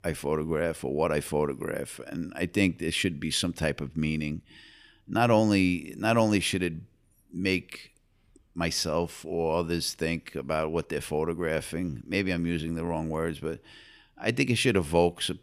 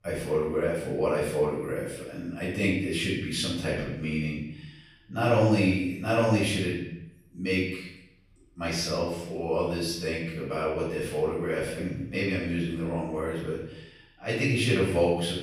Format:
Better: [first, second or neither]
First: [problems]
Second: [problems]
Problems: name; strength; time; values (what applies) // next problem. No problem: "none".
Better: first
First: none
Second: off-mic speech; far // room echo; noticeable; dies away in 0.7 s